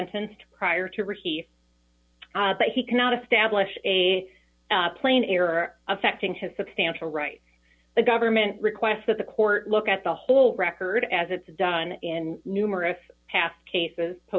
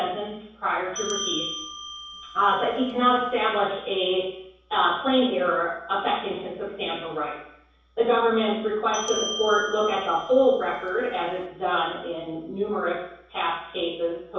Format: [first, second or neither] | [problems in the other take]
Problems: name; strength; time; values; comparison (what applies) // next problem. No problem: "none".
first | background sound (Bell); 10 dB below the speech // room echo; dies away in 0.7 s